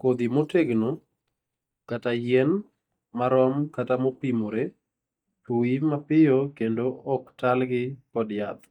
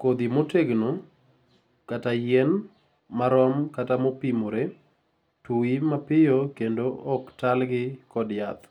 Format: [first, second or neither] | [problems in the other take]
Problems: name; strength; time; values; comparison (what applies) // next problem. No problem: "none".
second | noise reduction (neural mask model DeepFilterNet 3)